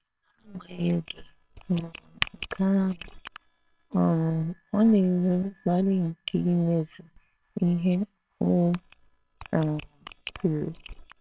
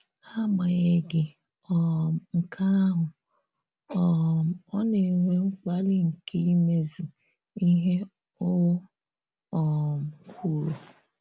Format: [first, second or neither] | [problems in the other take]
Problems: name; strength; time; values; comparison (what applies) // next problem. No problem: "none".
second | noise reduction (neural separator model SepFormer WHAMR!)